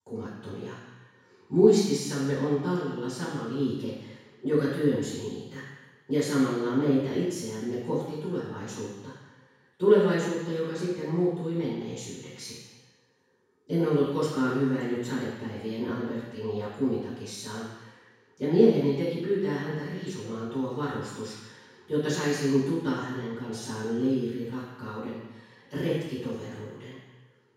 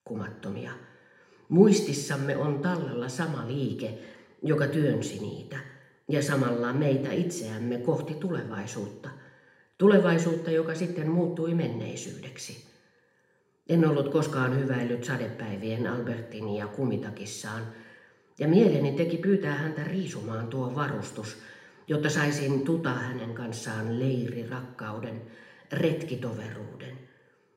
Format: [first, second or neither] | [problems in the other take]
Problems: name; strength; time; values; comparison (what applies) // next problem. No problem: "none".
second | room echo; strong; dies away in 1.1 s; slight in the second // off-mic speech; far; somewhat distant in the second